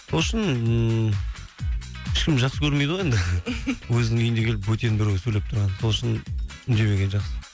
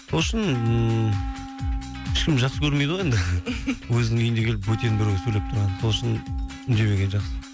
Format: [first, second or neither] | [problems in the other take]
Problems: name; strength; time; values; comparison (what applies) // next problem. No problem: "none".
first | background sound (Wind instrument, woodwind instrument); 15 dB below the speech